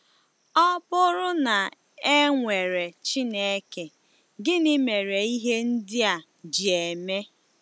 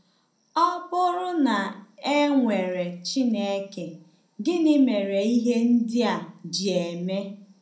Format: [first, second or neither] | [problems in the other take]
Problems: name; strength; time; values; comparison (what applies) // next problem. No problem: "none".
first | room echo; dies away in 0.6 s